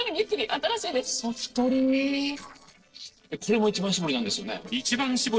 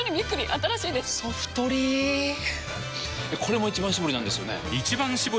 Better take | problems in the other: second | noise reduction (neural separator model SepFormer DNS4)

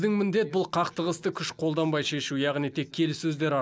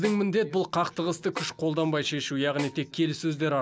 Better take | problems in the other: first | background sound (Snare drum); 17 dB below the speech

